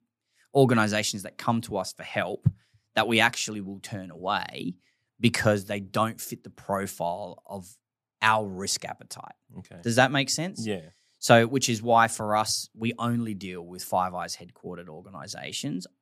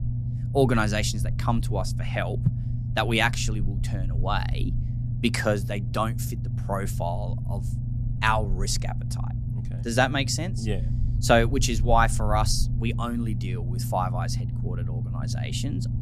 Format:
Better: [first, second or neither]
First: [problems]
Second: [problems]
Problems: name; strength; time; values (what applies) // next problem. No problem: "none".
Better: first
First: none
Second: low rumble; noticeable; throughout; 15 dB below the speech